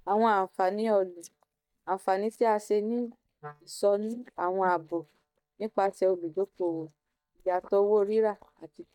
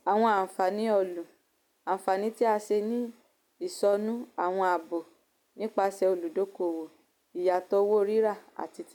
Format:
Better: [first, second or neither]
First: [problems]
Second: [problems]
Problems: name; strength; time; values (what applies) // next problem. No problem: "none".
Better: second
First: noise reduction (neural mask model DeepFilterNet 3)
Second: none